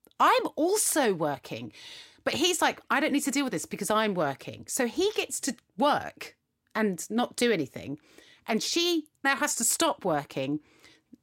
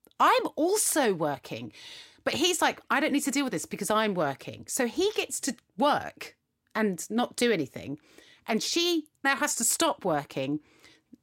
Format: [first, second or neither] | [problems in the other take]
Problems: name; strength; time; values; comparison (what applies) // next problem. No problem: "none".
neither | none